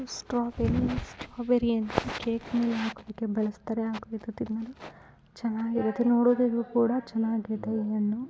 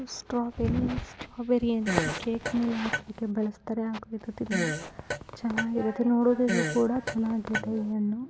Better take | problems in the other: first | background sound (Fart); 5 dB below the speech

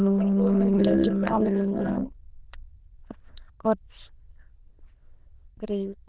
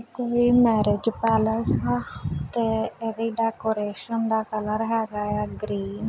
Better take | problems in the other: second | noise reduction (neural diffusion model UNIVERSE++)

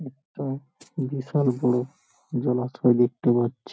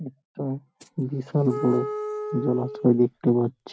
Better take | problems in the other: first | background sound (Wind instrument, woodwind instrument); 9 dB below the speech

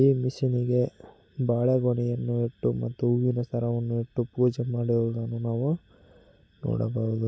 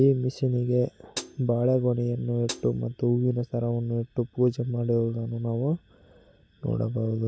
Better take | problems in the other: first | background sound (Hi-hat); 16 dB below the speech

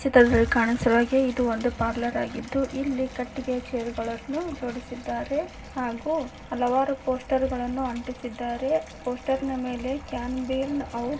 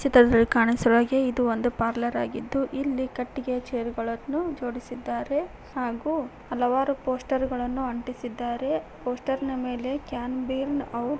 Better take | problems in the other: second | background sound (Bathtub (filling or washing) / Water tap, faucet); 20 dB below the speech // room echo; dies away in 0.4 s

